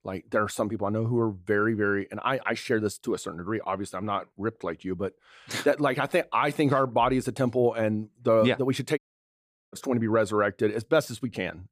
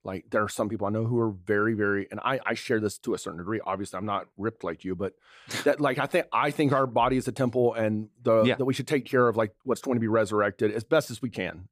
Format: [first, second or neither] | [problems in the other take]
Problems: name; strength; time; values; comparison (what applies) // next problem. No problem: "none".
second | audio cutting out; at 9 s for 0.5 s